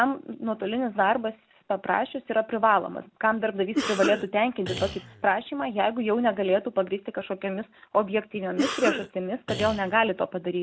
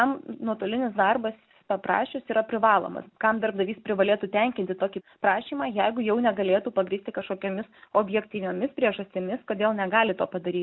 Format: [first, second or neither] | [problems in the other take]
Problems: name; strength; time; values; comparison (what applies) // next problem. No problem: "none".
second | background sound (Cough); 6 dB below the speech